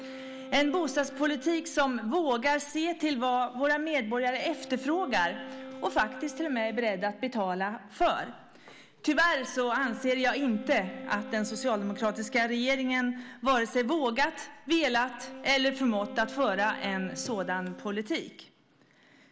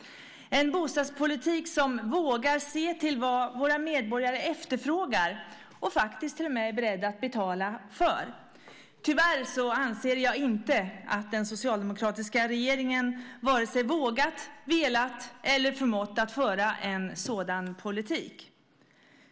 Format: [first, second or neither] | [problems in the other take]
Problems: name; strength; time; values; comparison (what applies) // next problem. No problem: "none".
second | background sound (Wind instrument, woodwind instrument); 16 dB below the speech